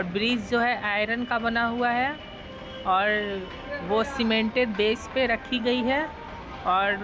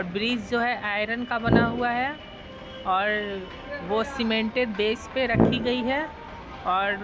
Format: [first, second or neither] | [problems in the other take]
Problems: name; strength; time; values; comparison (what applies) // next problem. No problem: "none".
first | background sound (Brass instrument); 2 dB above the speech